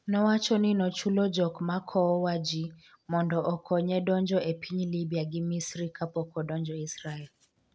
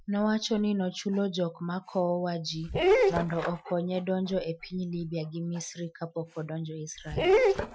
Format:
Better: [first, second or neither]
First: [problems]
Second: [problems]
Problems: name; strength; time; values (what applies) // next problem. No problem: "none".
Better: first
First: none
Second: noise reduction (classical method Wiener filter)